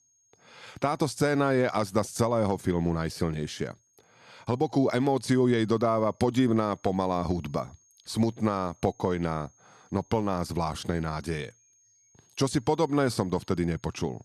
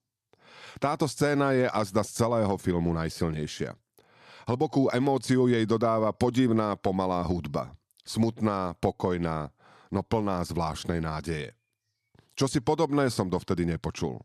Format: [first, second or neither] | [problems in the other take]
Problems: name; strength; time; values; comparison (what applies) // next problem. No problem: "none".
second | high-pitched whine; faint; throughout; 6.5 kHz, 35 dB below the speech